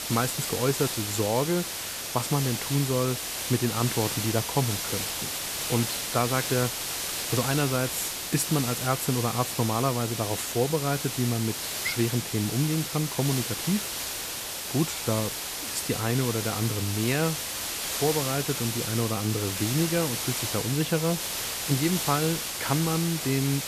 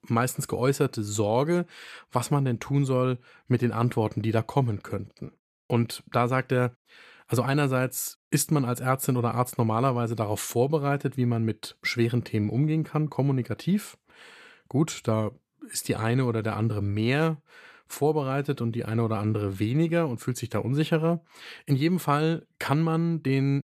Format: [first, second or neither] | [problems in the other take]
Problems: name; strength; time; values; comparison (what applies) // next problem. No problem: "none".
second | hiss; loud; throughout; 2 dB below the speech